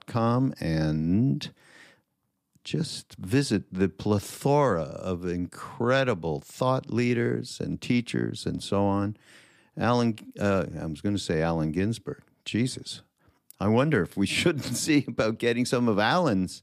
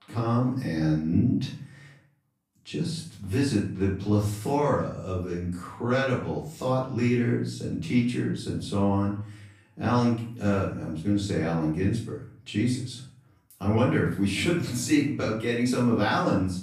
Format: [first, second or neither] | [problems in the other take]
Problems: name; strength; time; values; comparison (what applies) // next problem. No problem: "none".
first | room echo; noticeable; dies away in 0.5 s // off-mic speech; far